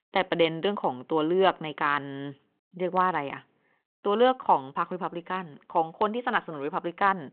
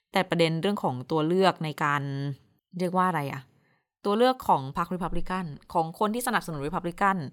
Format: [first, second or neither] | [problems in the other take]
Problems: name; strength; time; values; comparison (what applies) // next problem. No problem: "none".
second | phone-call audio